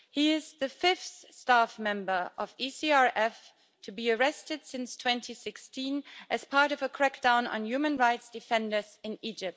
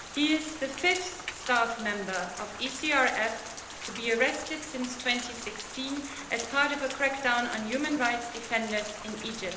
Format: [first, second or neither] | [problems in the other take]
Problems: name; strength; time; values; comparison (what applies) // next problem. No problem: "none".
first | background sound (Rain); 10 dB below the speech // room echo; dies away in 1 s